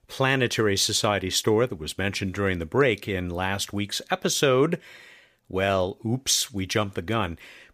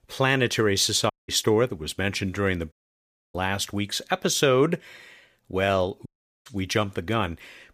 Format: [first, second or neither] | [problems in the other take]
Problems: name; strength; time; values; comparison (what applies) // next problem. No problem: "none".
first | audio cutting out; at 1 s, at 2.5 s for 0.5 s and at 6 s